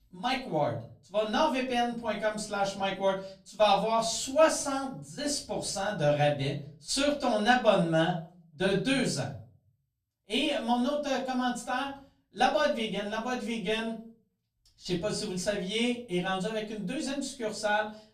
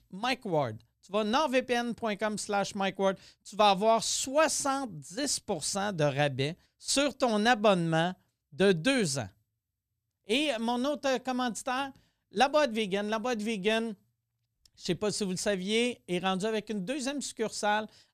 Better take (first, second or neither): second